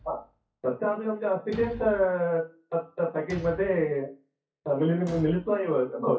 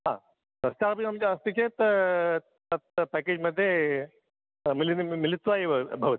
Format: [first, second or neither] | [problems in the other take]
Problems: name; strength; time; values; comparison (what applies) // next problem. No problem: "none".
second | noise reduction (classical method WPE with log-MMSE)